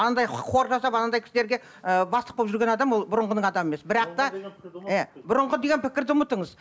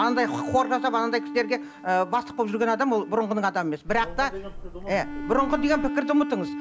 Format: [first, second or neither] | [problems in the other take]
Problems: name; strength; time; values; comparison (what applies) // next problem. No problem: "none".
first | background sound (Tick-tock + Bowed string instrument); 8 dB below the speech